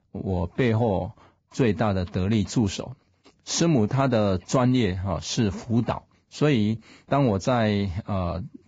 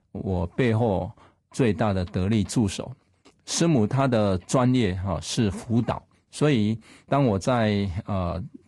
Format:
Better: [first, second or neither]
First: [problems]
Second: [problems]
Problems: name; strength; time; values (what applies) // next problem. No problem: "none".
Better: second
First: garbled, watery; badly; nothing above 7.5 kHz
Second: garbled, watery; slightly; nothing above 10.5 kHz